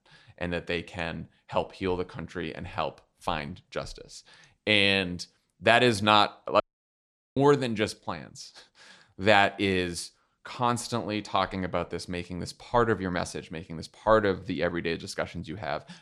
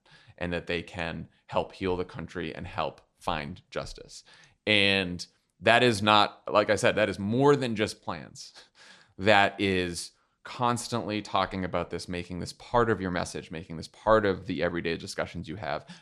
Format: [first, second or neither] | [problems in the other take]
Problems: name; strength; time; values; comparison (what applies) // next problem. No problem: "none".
second | audio cutting out; at 6.5 s for 1 s